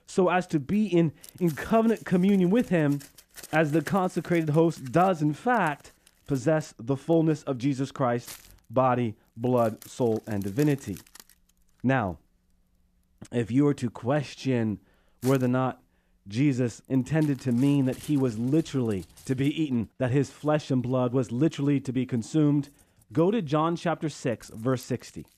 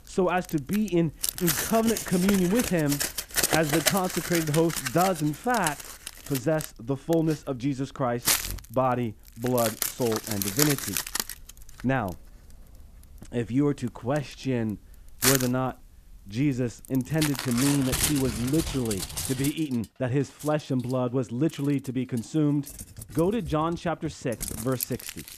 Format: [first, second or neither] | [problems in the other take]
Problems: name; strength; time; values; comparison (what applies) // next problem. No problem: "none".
first | household noises; loud; throughout; 2 dB below the speech; faint in the first